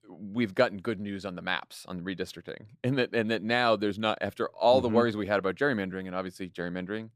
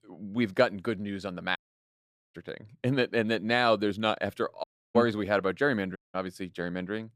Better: first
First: none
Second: audio cutting out; at 1.5 s for 1 s, at 4.5 s and at 6 s

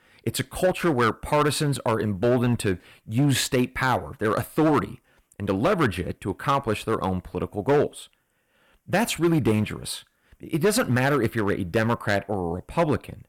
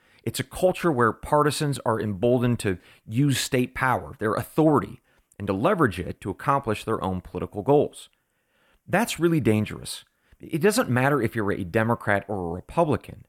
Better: second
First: distortion; slight; 5% of the sound clipped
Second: none

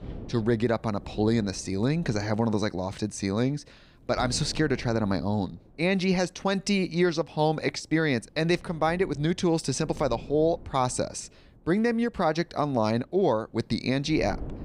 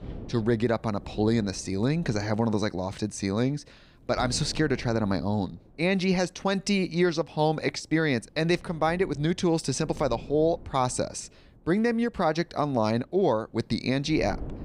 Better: neither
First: wind noise on the microphone; occasional gusts; 25 dB below the speech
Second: wind noise on the microphone; occasional gusts; 25 dB below the speech

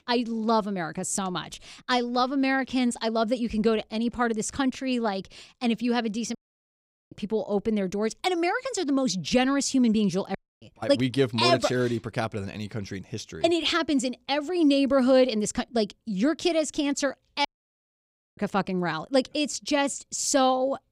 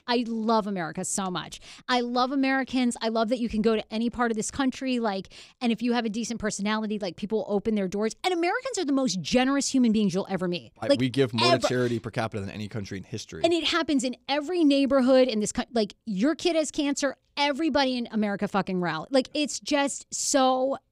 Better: second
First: audio cutting out; at 6.5 s for 1 s, at 10 s and at 17 s for 1 s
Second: none

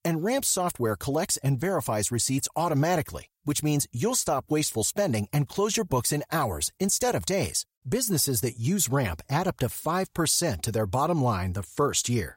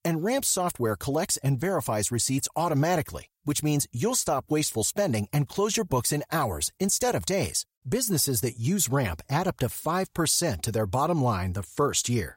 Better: neither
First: none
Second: none

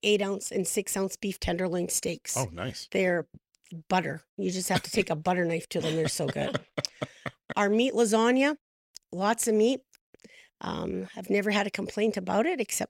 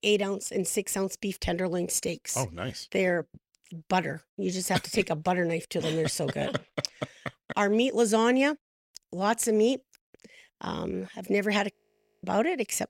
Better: first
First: none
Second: audio freezing; at 12 s for 0.5 s

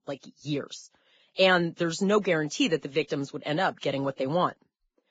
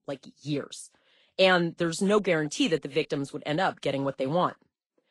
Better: second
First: garbled, watery; badly; nothing above 7.5 kHz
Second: garbled, watery; slightly; nothing above 10.5 kHz

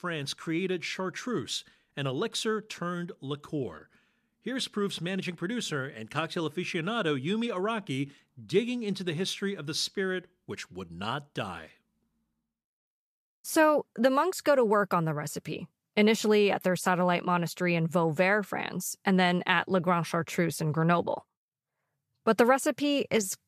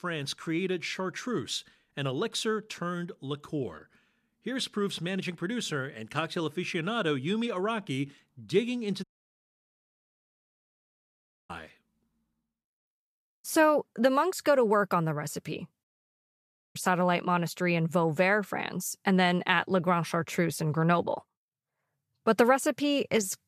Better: first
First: none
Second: audio cutting out; at 9 s for 2.5 s and at 16 s for 1 s

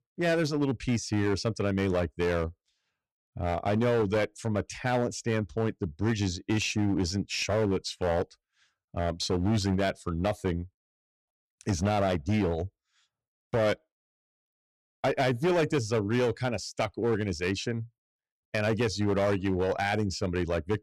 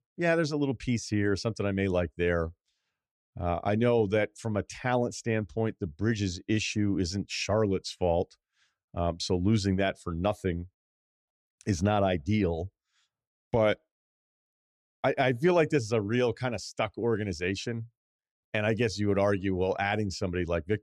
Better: second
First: distortion; slight; 10% of the sound clipped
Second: none

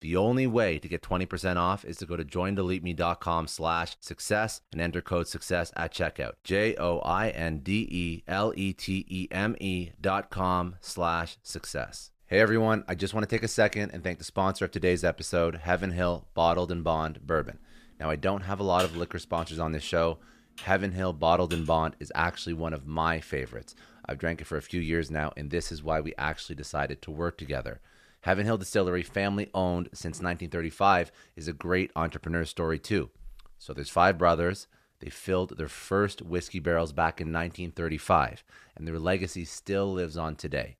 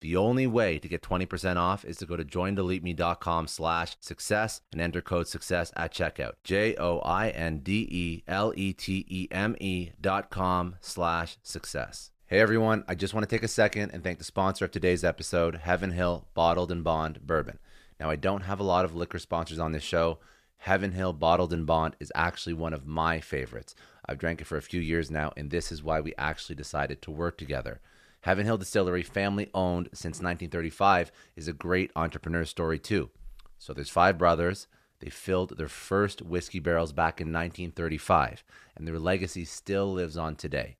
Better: second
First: keyboard typing; noticeable; from 19 to 22 s; peak 8 dB below the speech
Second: none

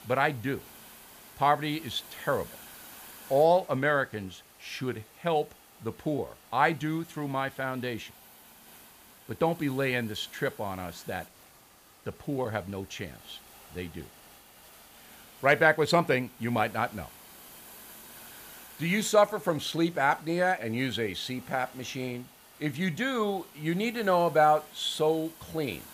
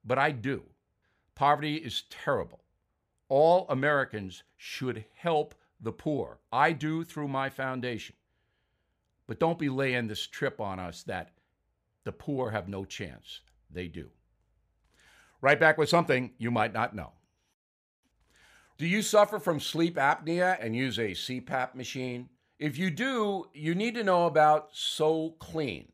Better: second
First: hiss; faint; throughout; 20 dB below the speech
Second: none

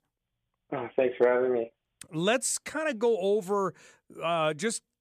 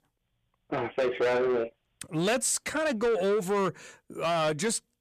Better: first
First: none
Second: distortion; heavy; 8 dB below the speech

